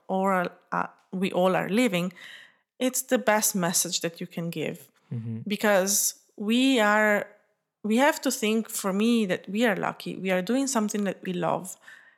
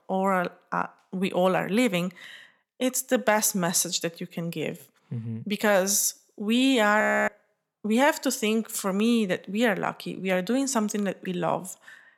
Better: first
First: none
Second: audio freezing; at 7 s

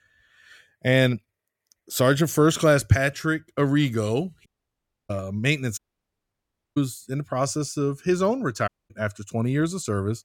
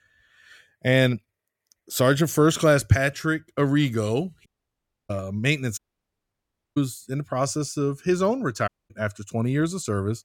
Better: neither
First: audio cutting out; at 4.5 s for 0.5 s, at 6 s for 1 s and at 8.5 s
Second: audio cutting out; at 4.5 s for 0.5 s, at 6 s for 1 s and at 8.5 s

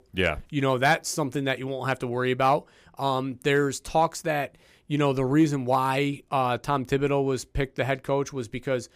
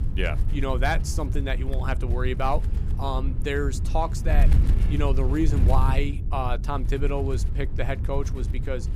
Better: first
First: none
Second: wind noise on the microphone; occasional gusts; 10 dB below the speech

